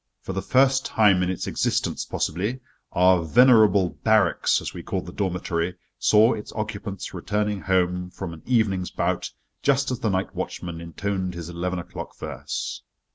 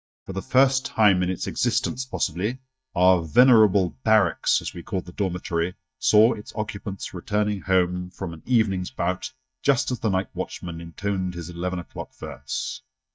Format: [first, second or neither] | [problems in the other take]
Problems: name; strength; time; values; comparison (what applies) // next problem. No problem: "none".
first | noise reduction (neural mask model DeepFilterNet 3)